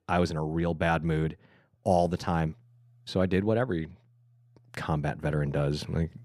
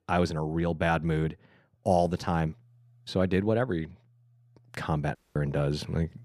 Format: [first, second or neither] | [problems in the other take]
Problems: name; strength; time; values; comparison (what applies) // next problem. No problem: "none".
first | audio cutting out; at 5 s